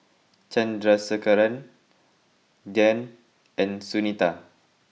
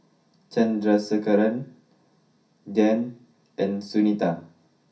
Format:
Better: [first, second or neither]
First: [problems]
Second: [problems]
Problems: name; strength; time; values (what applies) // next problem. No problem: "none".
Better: first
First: none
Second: room echo; dies away in 0.3 s